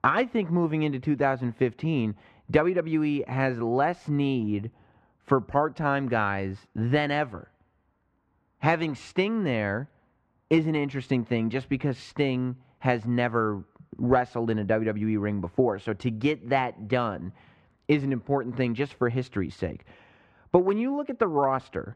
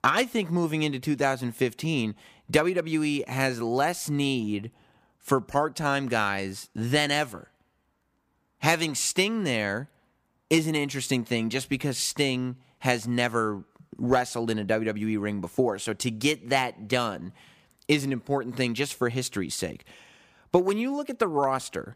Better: second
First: muffled; very; fading above 2 kHz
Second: none

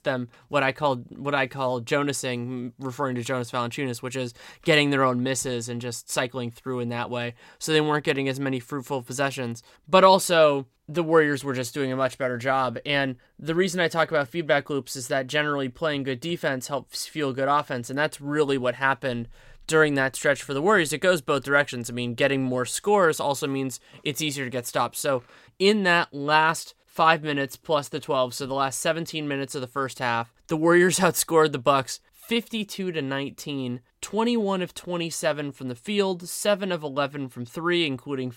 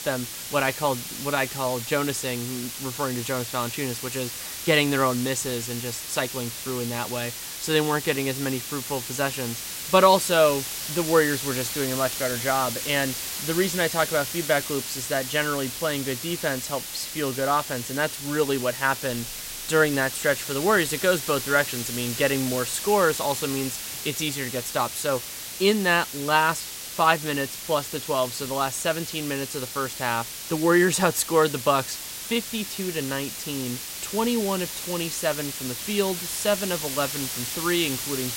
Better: first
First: none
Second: hiss; loud; throughout; 6 dB below the speech

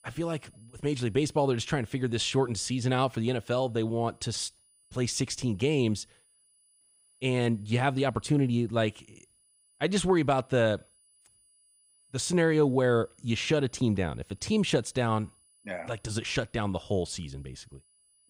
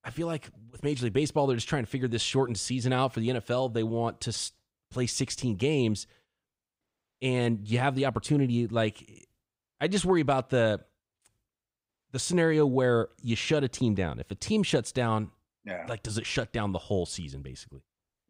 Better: second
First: high-pitched whine; faint; throughout; 10 kHz, 35 dB below the speech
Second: none

